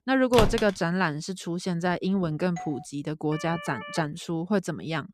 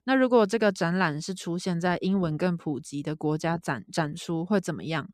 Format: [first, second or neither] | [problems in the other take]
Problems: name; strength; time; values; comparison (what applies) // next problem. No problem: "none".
second | door banging; loud; at 0.5 s; peak level with the speech // doorbell; faint; at 2.5 s; peak 15 dB below the speech // siren; faint; at 3.5 s; peak 10 dB below the speech